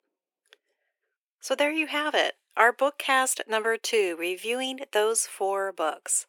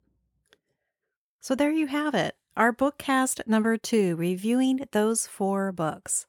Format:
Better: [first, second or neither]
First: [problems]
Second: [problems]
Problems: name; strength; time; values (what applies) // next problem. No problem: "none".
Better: second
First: thin; very; fading below 350 Hz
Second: none